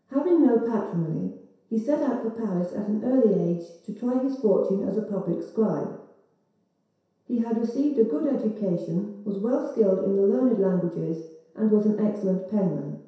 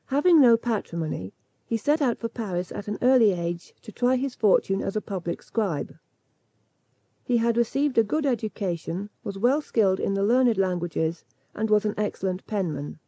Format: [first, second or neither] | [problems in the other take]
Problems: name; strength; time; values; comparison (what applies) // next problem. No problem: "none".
second | room echo; dies away in 0.7 s